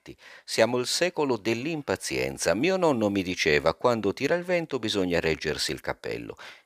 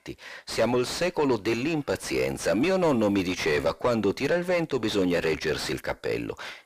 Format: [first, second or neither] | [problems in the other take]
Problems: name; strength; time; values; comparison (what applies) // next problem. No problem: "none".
first | distortion; heavy; 6 dB below the speech